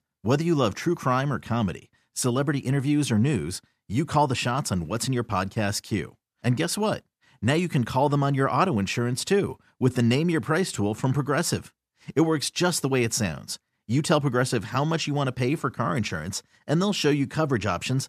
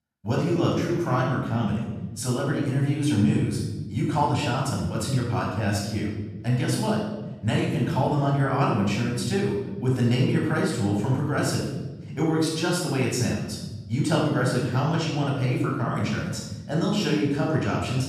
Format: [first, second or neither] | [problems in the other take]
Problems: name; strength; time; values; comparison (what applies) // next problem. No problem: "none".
first | room echo; noticeable; dies away in 1.3 s // off-mic speech; far